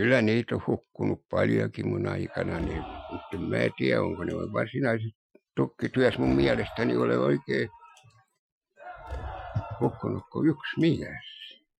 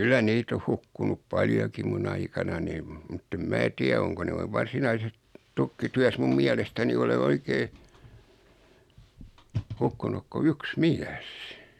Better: second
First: noise reduction (classical method Wiener filter)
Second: none

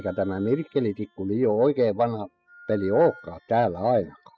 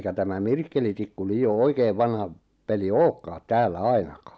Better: second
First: noise reduction (classical method spectral subtraction)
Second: none

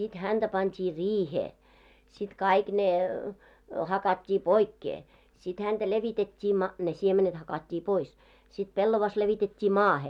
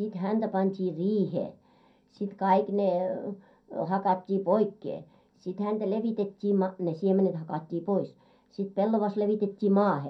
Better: first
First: none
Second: room echo; dies away in 0.2 s

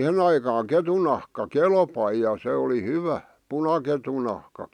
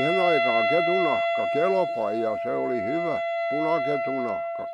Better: first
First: none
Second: background sound (Wind instrument, woodwind instrument); 2 dB above the speech

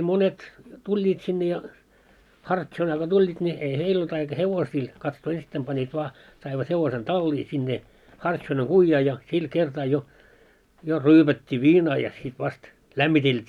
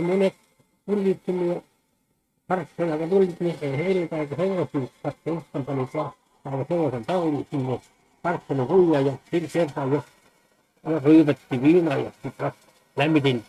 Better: first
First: none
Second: noise reduction (neural mask model RNNoise)

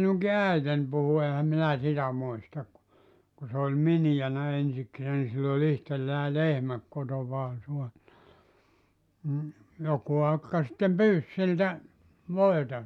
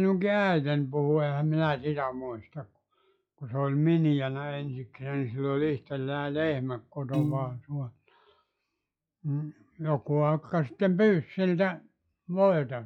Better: first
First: none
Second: noise reduction (classical method log-MMSE)

